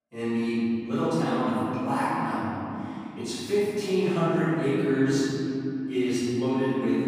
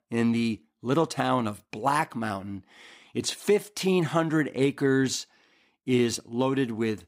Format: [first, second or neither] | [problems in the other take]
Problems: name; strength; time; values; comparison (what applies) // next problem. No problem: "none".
second | off-mic speech; far // room echo; strong; dies away in 3 s